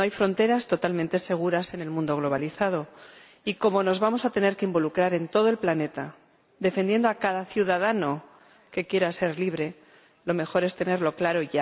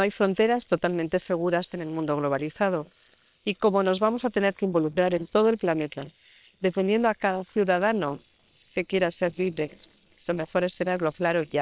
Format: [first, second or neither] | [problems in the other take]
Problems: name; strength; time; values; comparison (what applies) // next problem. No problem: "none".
first | noise reduction (neural separator model SepFormer WHAM!)